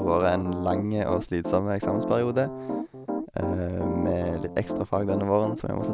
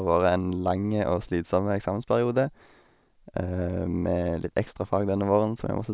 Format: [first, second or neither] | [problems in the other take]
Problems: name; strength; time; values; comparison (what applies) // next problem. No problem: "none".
second | background sound (Piano); 6 dB below the speech